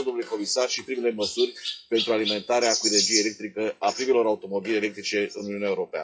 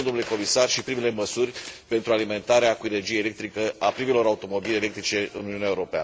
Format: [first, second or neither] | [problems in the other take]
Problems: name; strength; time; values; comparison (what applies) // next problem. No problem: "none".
second | noise reduction (classical method WPE with log-MMSE)